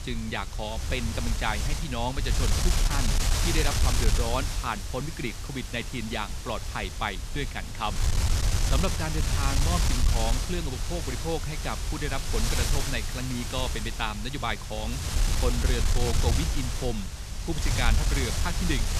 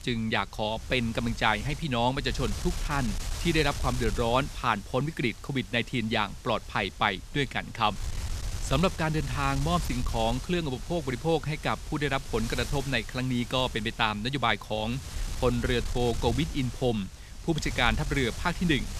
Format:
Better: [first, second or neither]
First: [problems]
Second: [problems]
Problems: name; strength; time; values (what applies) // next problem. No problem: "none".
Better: second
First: wind noise on the microphone; heavy; 1 dB below the speech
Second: wind noise on the microphone; occasional gusts; 15 dB below the speech